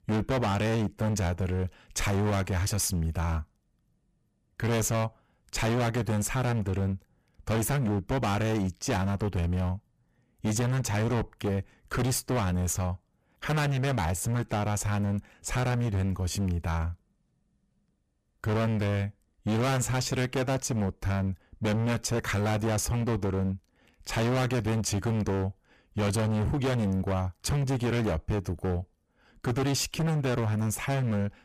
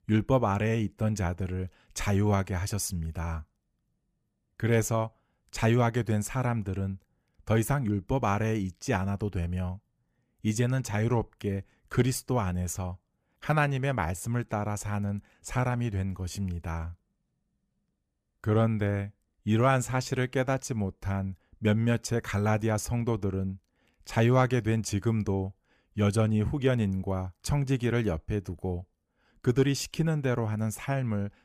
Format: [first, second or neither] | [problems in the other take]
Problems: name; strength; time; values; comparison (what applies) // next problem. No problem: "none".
second | distortion; heavy; 26% of the sound clipped